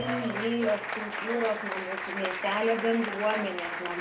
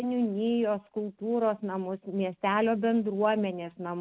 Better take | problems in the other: second | background sound (Applause); 4 dB below the speech // room echo; dies away in 0.2 s

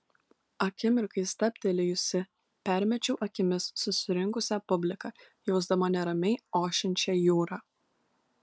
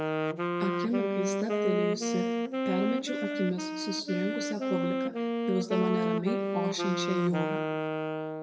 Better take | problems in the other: first | background sound (Wind instrument, woodwind instrument); 2 dB above the speech // room echo; dies away in 0.8 s

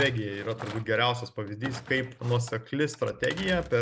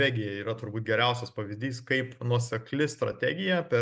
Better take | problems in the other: second | background sound (Thump, thud); 15 dB below the speech

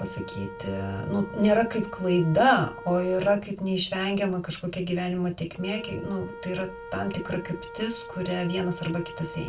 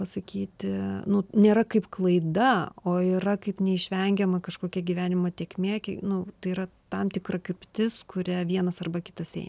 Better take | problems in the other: second | background sound (Wind instrument, woodwind instrument); 14 dB below the speech // room echo; dies away in 0.2 s

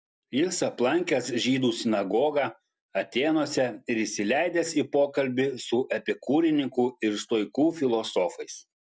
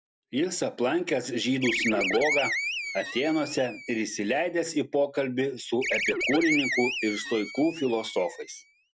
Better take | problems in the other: first | background sound (Animal); 4 dB below the speech

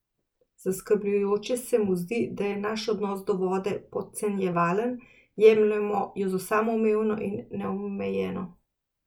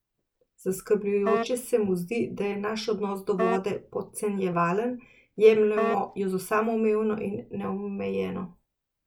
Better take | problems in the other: first | background sound (Wind instrument, woodwind instrument); 6 dB below the speech

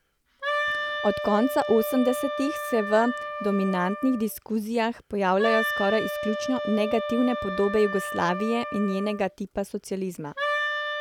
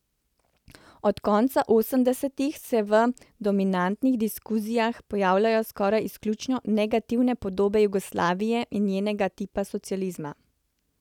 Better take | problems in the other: second | background sound (Wind instrument, woodwind instrument); 5 dB below the speech

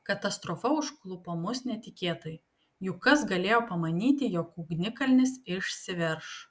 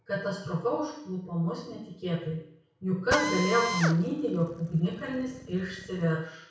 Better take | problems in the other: first | background sound (Drill); 6 dB below the speech // room echo; dies away in 0.6 s

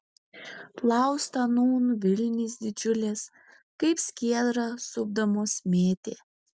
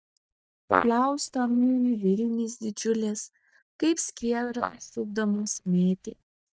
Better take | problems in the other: first | noise reduction (neural mask model DeepFilterNet 3)

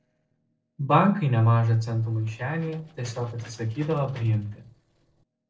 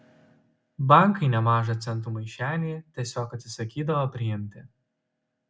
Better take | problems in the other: second | noise reduction (neural separator model SepFormer DNS4)

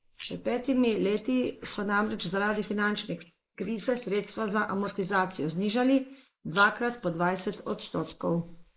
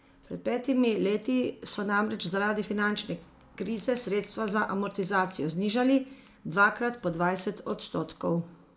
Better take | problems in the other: second | noise reduction (neural mask model Resemble Enhance denoiser)

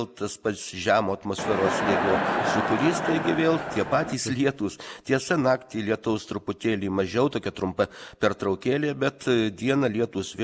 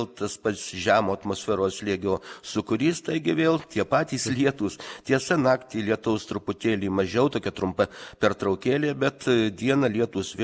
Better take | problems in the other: second | background sound (Crowd); 1 dB below the speech

